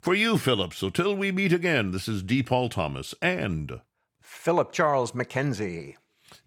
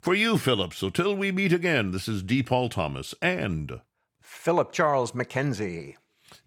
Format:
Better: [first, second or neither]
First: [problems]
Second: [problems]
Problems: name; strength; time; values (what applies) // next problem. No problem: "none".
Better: neither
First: none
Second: none